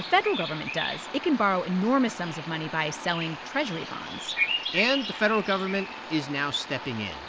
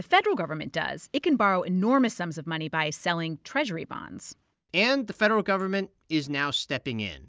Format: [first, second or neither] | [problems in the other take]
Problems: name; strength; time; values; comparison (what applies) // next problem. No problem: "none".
second | background sound (Bird vocalization, bird call, bird song); 7 dB below the speech